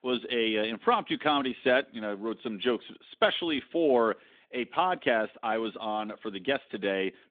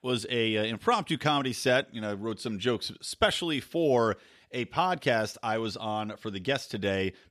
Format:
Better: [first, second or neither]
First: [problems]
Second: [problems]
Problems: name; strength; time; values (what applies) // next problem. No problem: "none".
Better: second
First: phone-call audio; nothing above 3.5 kHz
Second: none